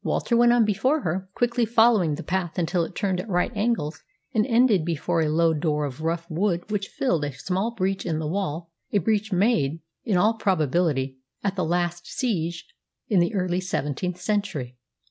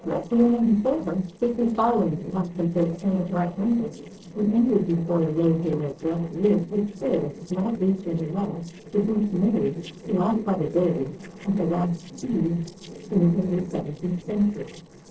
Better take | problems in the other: first | noise reduction (neural separator model SepFormer DNS4)

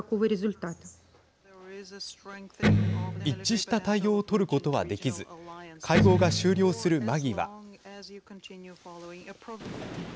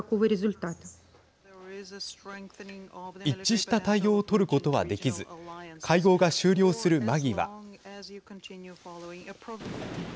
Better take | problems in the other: second | background sound (Electric guitar); 3 dB above the speech

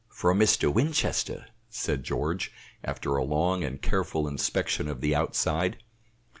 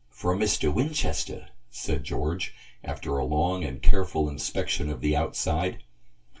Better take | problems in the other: first | room echo; dies away in 0.1 s

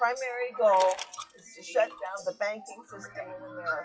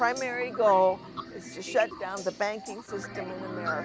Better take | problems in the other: second | noise reduction (classical method WPE with log-MMSE)

